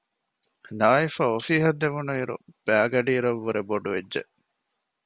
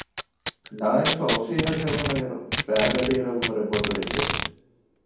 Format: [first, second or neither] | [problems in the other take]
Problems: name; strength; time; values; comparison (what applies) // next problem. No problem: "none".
first | background sound (Packing tape, duct tape); 4 dB below the speech // room echo; dies away in 1.2 s